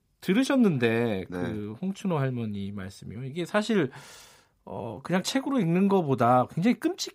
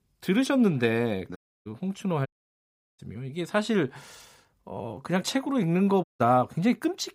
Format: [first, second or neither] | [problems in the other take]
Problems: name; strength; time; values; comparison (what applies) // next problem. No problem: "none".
first | audio cutting out; at 1.5 s, at 2.5 s for 0.5 s and at 6 s